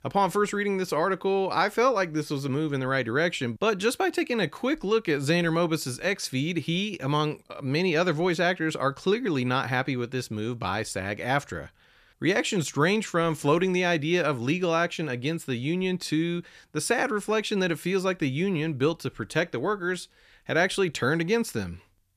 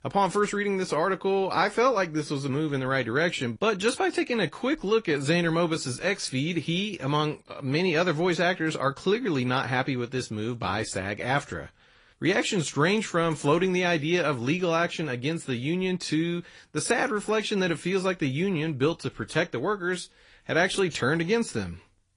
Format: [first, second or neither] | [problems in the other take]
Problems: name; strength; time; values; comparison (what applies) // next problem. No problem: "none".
first | garbled, watery; slightly; nothing above 10.5 kHz